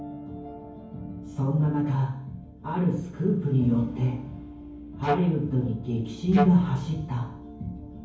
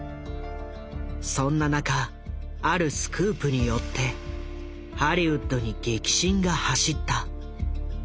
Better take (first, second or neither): second